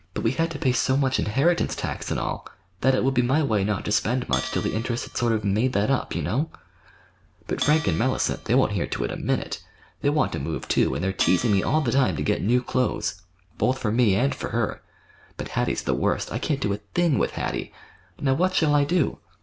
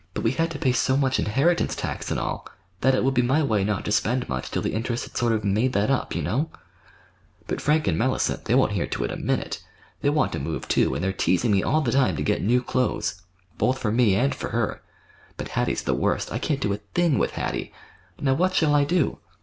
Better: second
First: background sound (Bell); 16 dB below the speech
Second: none

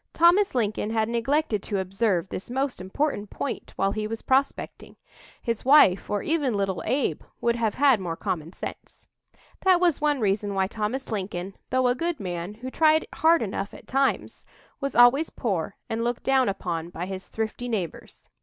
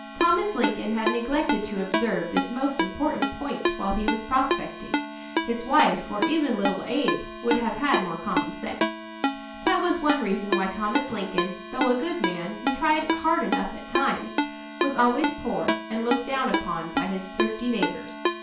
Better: first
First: none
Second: background sound (Ringtone); 2 dB below the speech // room echo; dies away in 0.4 s

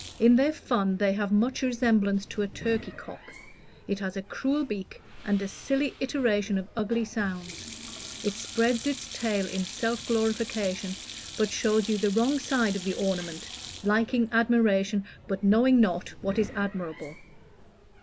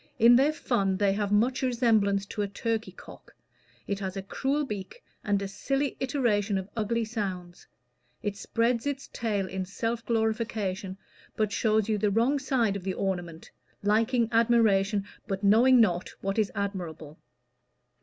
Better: second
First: background sound (Sink (filling or washing)); 15 dB below the speech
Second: none

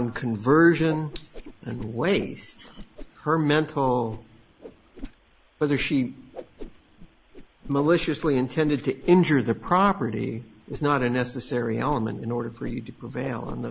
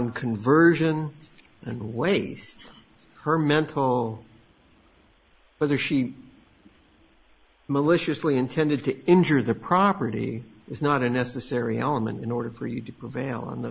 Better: second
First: background sound (Whoosh, swoosh, swish); 17 dB below the speech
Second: none

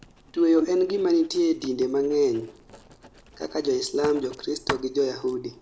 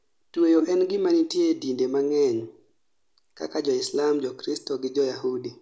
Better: second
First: background sound (Writing); 17 dB below the speech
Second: none

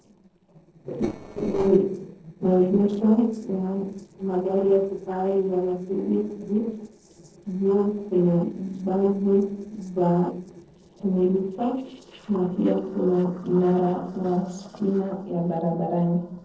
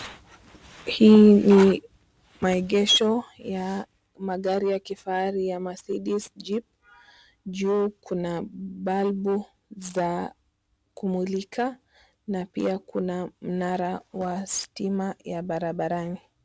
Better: second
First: noise reduction (neural separator model SepFormer DNS4)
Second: none

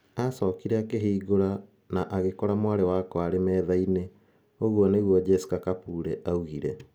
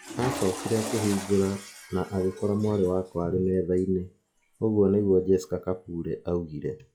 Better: first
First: none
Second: noise reduction (classical method log-MMSE)

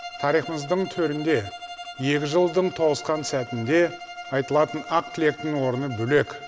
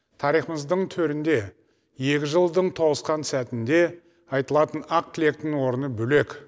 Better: second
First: background sound (Bowed string instrument); 14 dB below the speech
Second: none

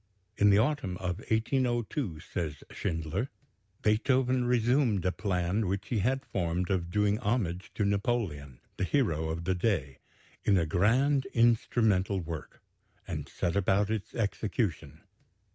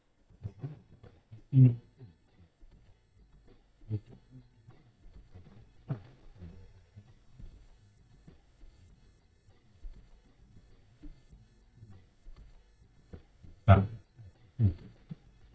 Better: first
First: none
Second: noise reduction (neural mask model DeepFilterNet 3)

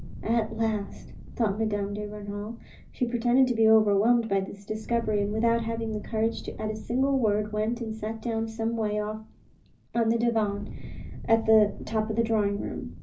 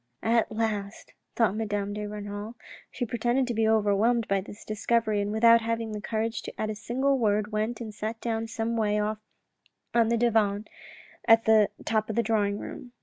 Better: second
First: background sound (Fire); 13 dB below the speech // room echo; dies away in 0.5 s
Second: none

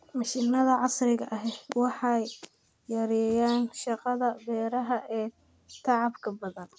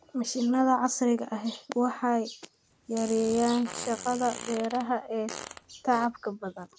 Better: first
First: none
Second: background sound (Fart); 13 dB below the speech

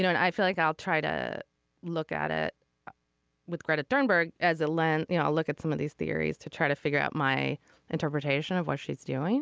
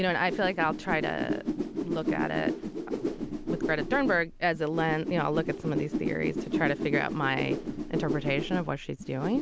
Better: first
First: none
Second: background sound (Whoosh, swoosh, swish); 3 dB below the speech

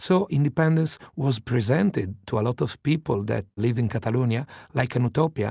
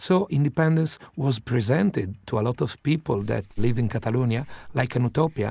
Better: first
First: none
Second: noise reduction (neural mask model Resemble Enhance denoiser)

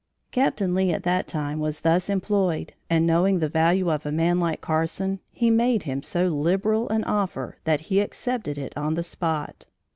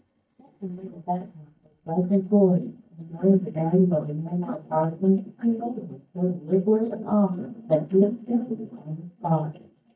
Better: first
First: none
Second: noise reduction (neural mask model DeepFilterNet 3)

